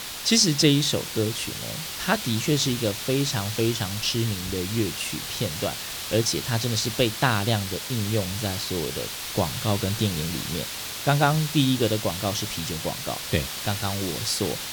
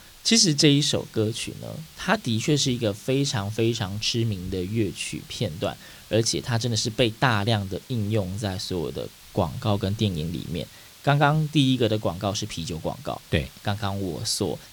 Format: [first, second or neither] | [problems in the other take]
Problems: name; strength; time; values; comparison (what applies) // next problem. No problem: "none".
second | hiss; loud; throughout; 5 dB below the speech; faint in the second